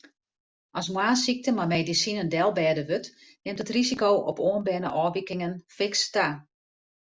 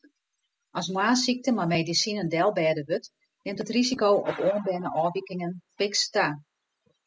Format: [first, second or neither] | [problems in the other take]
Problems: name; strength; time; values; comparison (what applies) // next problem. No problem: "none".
first | noise reduction (classical method spectral subtraction)